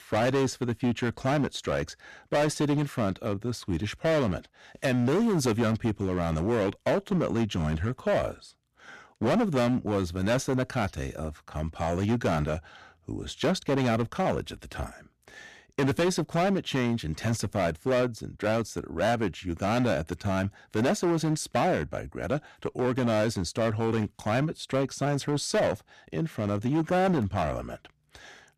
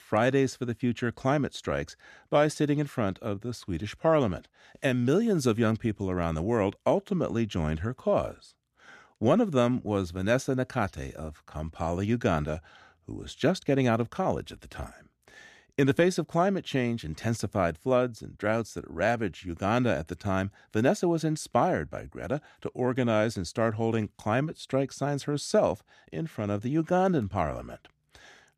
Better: second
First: distortion; heavy; 12% of the sound clipped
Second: none

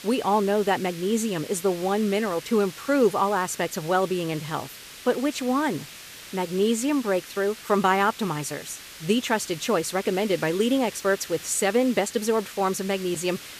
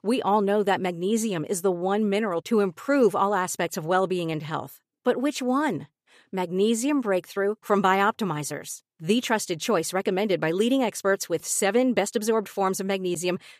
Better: second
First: hiss; noticeable; throughout; 15 dB below the speech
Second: none

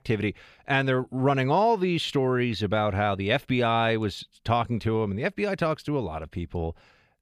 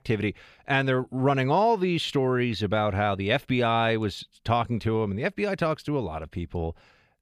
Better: neither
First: none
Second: none

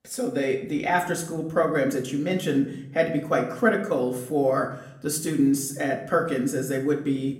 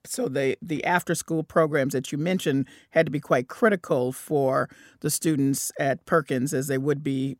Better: second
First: room echo; slight; dies away in 0.6 s // off-mic speech; somewhat distant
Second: none

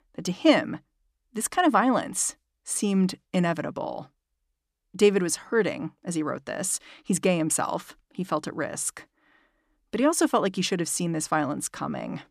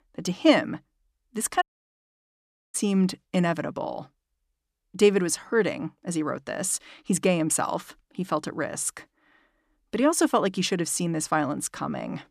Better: first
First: none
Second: audio cutting out; at 1.5 s for 1 s

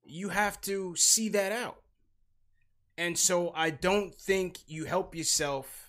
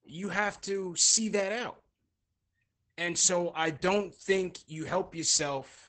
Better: first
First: none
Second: garbled, watery; badly; nothing above 8 kHz

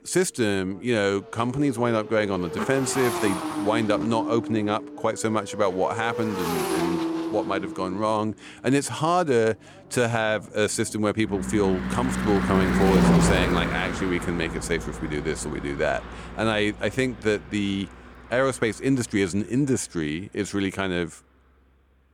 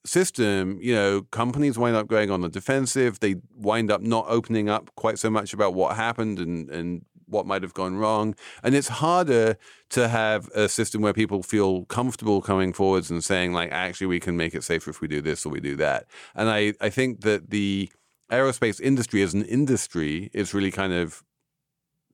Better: second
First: traffic noise; loud; throughout; 3 dB below the speech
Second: none

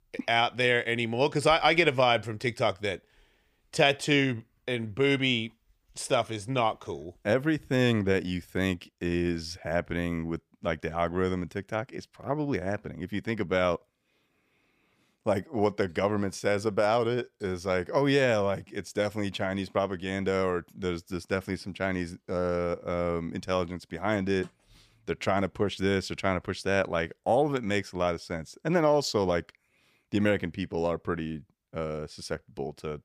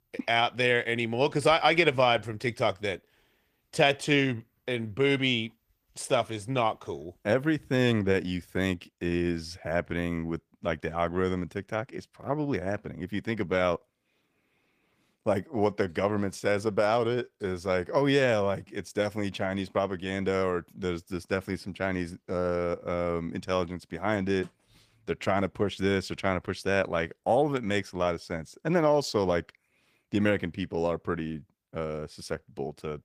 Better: first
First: none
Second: garbled, watery; slightly; nothing above 15 kHz

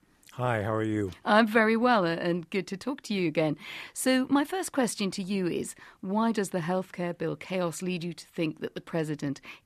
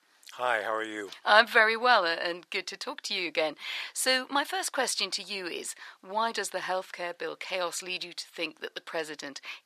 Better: first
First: none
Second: thin; very; fading below 650 Hz

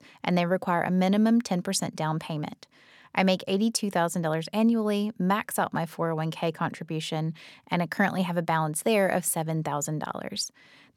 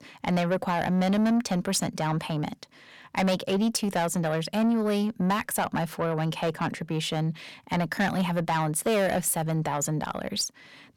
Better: first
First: none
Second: distortion; slight; 10 dB below the speech

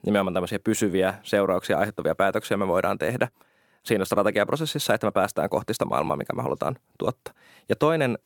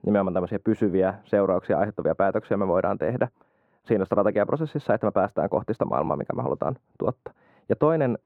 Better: first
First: none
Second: muffled; very; fading above 3 kHz

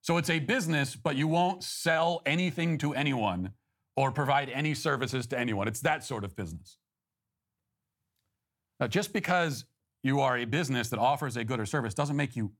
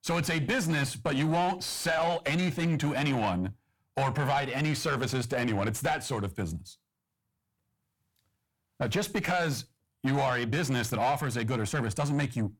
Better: first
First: none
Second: distortion; heavy; 7 dB below the speech

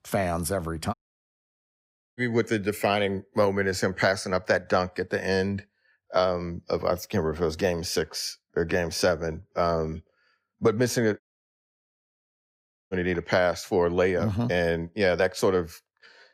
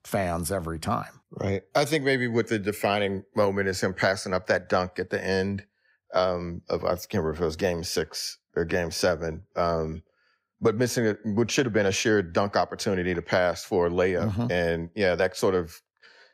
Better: second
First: audio cutting out; at 1 s for 1 s and at 11 s for 1.5 s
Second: none

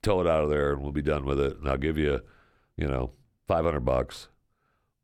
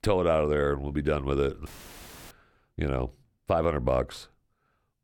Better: first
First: none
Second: audio cutting out; filled with static; at 1.5 s for 0.5 s

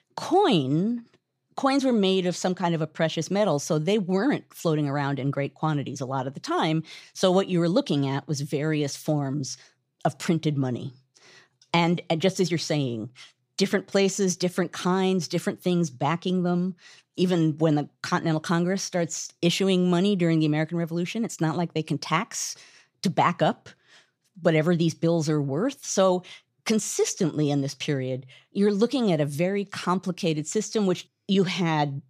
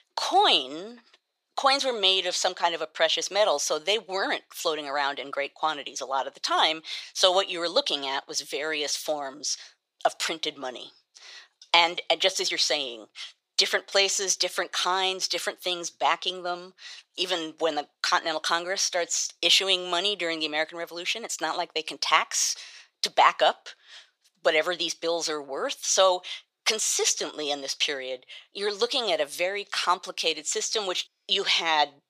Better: first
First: none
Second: thin; very; fading below 550 Hz

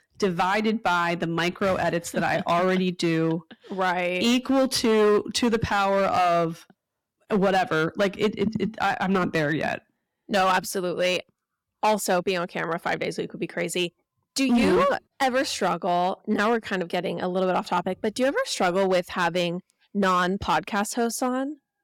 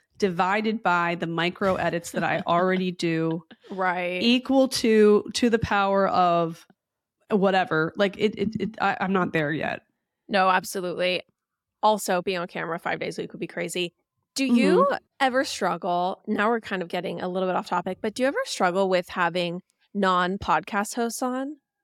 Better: second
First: distortion; slight; 7% of the sound clipped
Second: none

